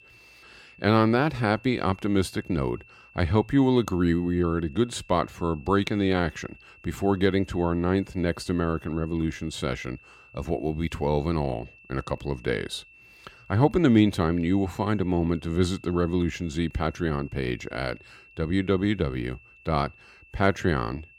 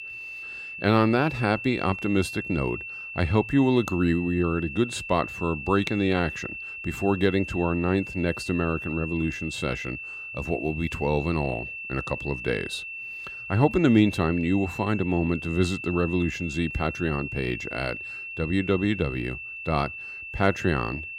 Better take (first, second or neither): first